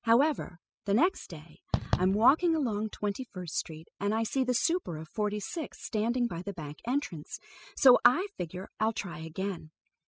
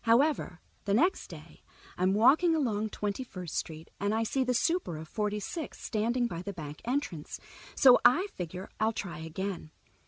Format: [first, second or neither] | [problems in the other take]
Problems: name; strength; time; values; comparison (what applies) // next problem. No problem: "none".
second | noise reduction (classical method spectral subtraction)